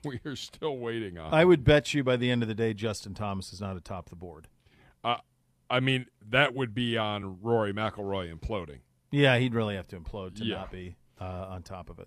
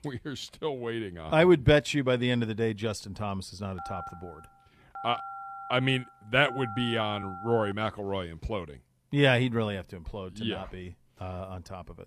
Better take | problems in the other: first | phone ringing; faint; from 4 to 7.5 s; peak 10 dB below the speech

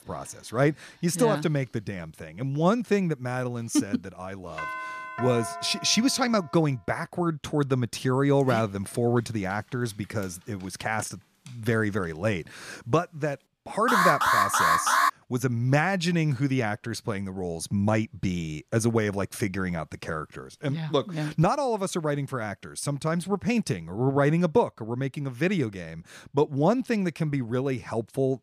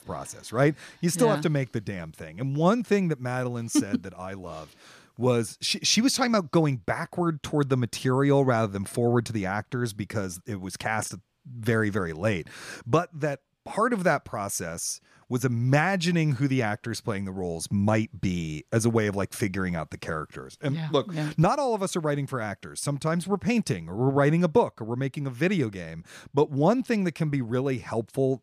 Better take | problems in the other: second | doorbell; noticeable; from 4.5 to 6.5 s; peak 6 dB below the speech // dog barking; faint; from 8.5 to 11 s; peak 10 dB below the speech // alarm; loud; from 14 to 15 s; peak 6 dB above the speech

